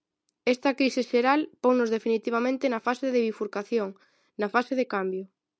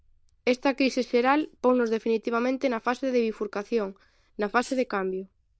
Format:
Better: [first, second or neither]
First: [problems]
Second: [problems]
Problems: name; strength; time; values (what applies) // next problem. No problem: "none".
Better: first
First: none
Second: noise reduction (neural diffusion model UNIVERSE++)